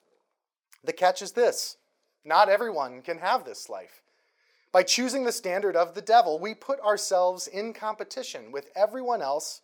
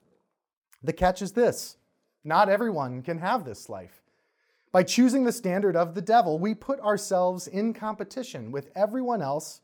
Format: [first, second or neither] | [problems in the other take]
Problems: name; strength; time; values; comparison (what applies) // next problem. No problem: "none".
second | thin; somewhat; fading below 500 Hz